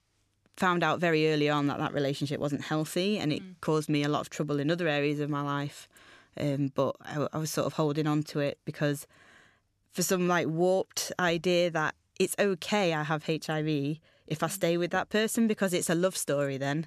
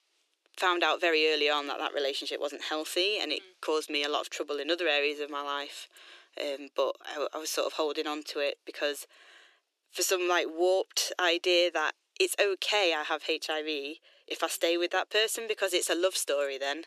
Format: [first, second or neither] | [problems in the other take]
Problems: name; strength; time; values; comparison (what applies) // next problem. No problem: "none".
first | thin; very; fading below 350 Hz